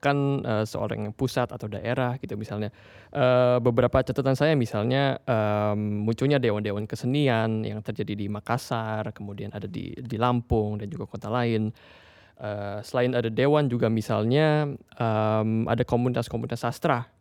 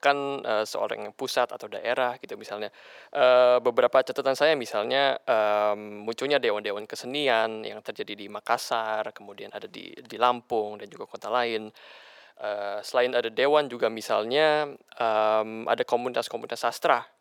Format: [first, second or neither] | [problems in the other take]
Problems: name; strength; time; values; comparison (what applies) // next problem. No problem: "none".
first | thin; very; fading below 600 Hz